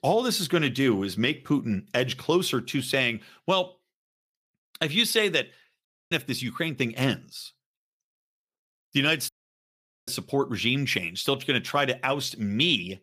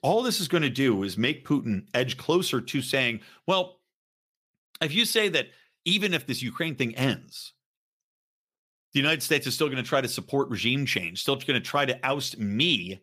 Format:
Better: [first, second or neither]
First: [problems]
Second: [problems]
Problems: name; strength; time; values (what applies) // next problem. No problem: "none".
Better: second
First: audio cutting out; at 6 s and at 9.5 s for 1 s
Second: none